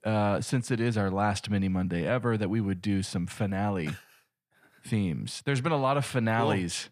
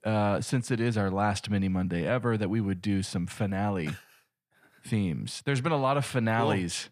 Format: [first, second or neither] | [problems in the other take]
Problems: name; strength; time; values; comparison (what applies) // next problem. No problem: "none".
neither | none